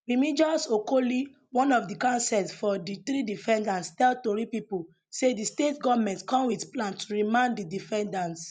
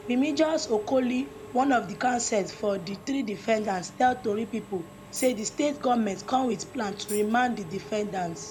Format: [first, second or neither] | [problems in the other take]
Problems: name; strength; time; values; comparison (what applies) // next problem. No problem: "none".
first | background sound (Tambourine + Engine / Mechanisms); 16 dB below the speech